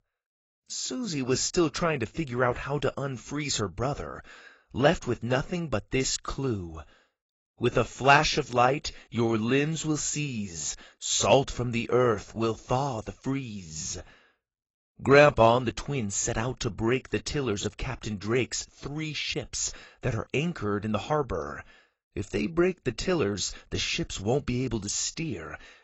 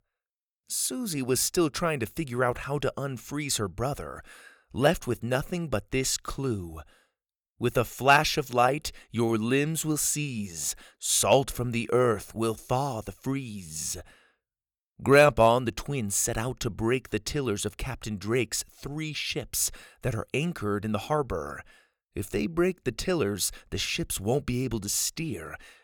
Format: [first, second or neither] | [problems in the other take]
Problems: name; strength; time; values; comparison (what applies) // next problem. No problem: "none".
second | garbled, watery; badly; nothing above 7.5 kHz